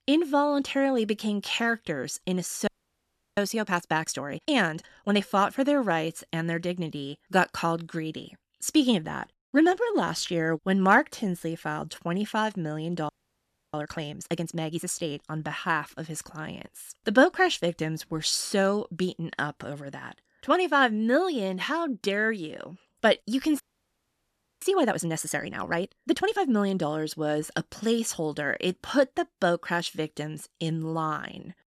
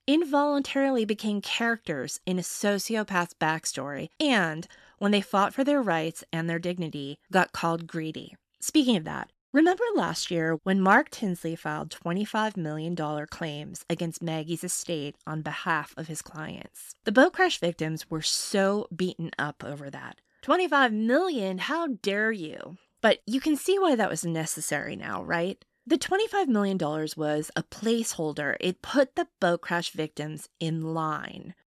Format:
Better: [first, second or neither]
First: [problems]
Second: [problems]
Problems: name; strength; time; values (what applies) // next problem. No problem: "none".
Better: second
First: audio freezing; at 2.5 s for 0.5 s, at 13 s for 0.5 s and at 24 s for 1 s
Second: none